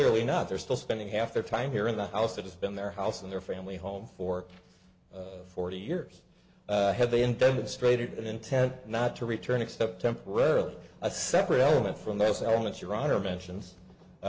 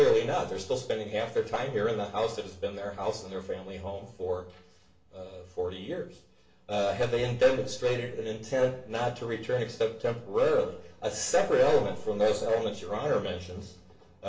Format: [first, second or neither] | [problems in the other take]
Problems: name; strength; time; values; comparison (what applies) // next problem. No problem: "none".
first | room echo; dies away in 0.4 s